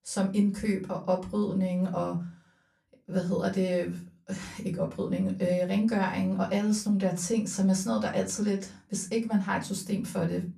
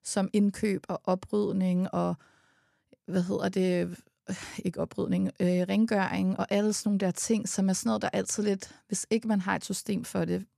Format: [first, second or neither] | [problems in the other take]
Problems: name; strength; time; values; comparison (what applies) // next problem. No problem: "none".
second | off-mic speech; far // room echo; very slight; dies away in 0.2 s